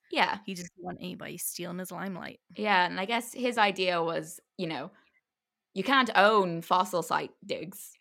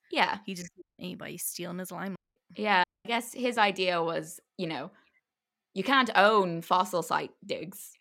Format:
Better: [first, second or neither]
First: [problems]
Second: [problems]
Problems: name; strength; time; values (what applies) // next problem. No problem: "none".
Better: first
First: none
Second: audio cutting out; at 1 s, at 2 s and at 3 s